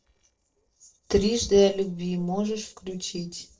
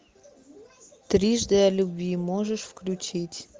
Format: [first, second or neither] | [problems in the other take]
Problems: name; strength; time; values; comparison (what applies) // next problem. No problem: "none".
second | noise reduction (neural separator model SepFormer DNS4)